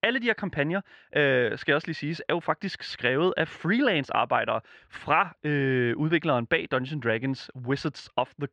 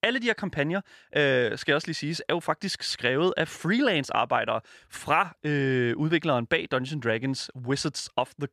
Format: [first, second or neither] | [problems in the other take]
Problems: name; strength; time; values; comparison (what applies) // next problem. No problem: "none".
second | muffled; slightly; fading above 2.5 kHz